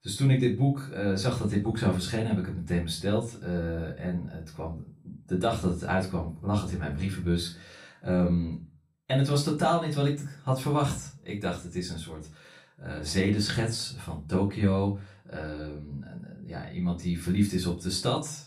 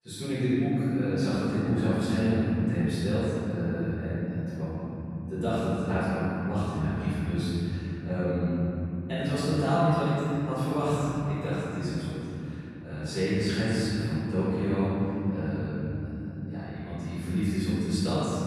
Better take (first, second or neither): first